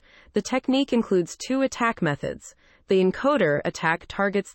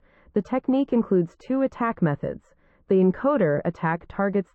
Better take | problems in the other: first | muffled; very; fading above 3 kHz

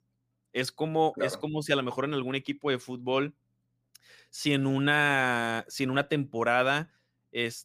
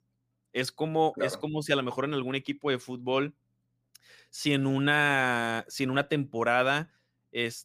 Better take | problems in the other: neither | none

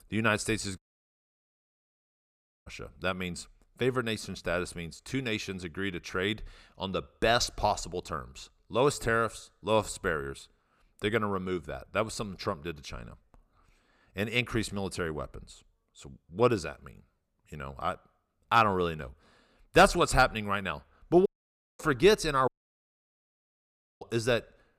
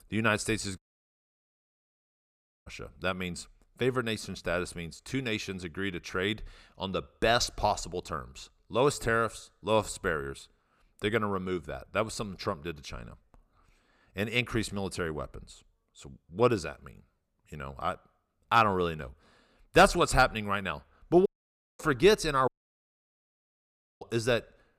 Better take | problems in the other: neither | audio cutting out; at 1 s for 2 s, at 21 s for 0.5 s and at 22 s for 1.5 s; the same in both

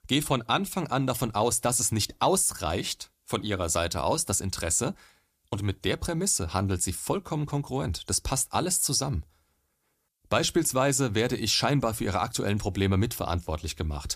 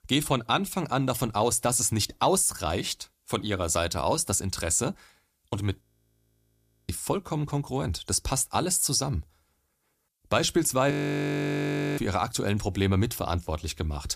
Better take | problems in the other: first | audio freezing; at 6 s for 1 s and at 11 s for 1 s

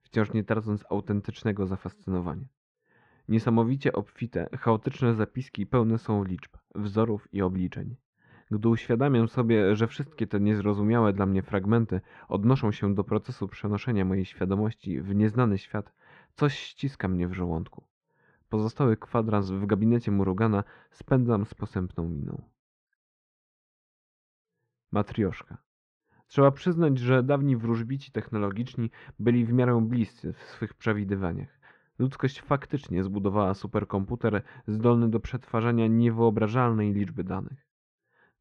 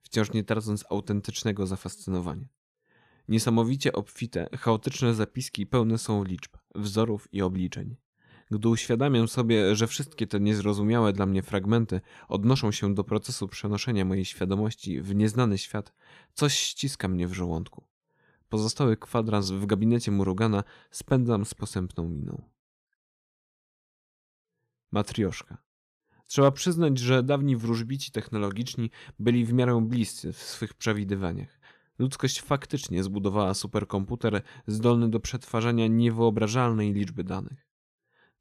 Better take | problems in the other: second | muffled; very; fading above 1.5 kHz

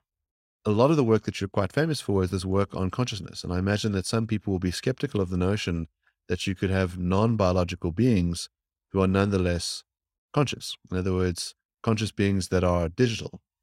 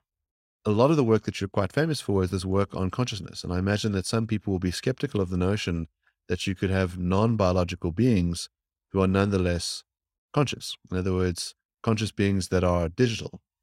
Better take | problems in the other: neither | none

